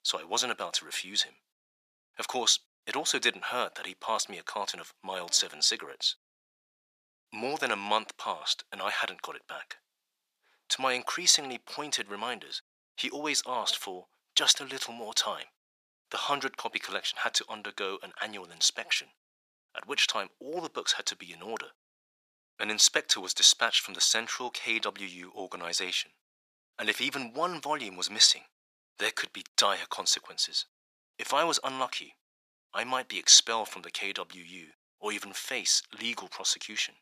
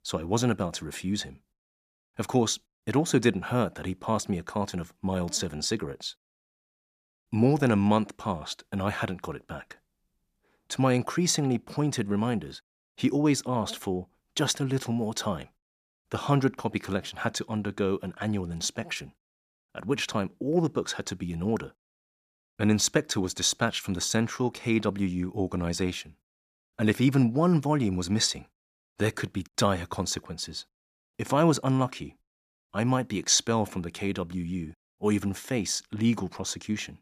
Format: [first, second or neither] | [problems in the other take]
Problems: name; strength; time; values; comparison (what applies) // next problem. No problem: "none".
second | thin; very; fading below 750 Hz